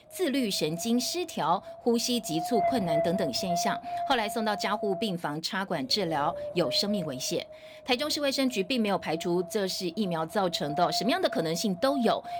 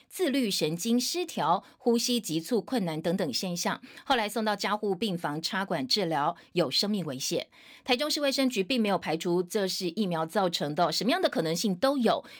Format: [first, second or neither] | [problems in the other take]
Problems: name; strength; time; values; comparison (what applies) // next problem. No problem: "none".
second | wind noise on the microphone; heavy; 5 dB below the speech